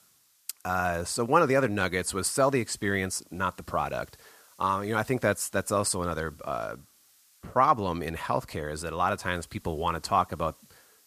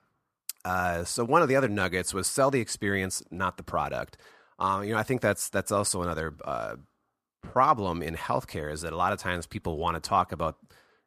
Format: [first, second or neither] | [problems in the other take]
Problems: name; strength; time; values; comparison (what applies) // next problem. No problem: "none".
second | hiss; faint; throughout; 30 dB below the speech